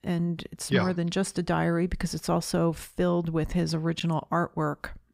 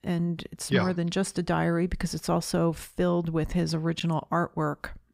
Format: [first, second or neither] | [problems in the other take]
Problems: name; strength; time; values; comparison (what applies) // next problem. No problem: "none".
neither | none